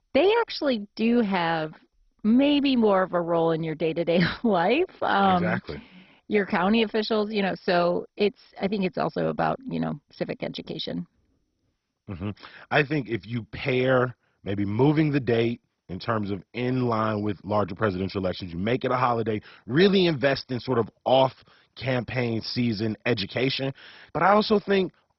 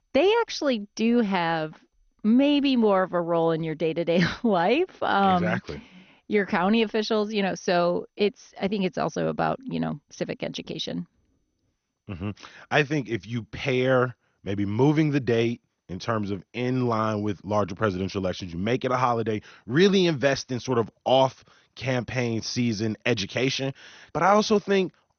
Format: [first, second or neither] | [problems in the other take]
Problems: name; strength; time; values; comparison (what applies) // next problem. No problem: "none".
second | garbled, watery; badly; nothing above 5.5 kHz; slightly in the second